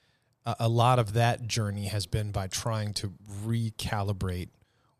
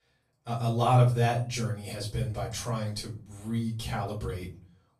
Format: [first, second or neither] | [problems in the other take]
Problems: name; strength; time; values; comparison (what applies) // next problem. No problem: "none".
first | room echo; slight; dies away in 0.3 s // off-mic speech; far